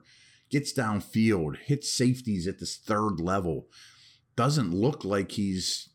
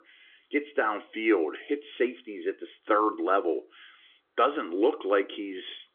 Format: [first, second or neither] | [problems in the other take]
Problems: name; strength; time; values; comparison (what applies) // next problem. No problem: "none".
first | phone-call audio; nothing above 3.5 kHz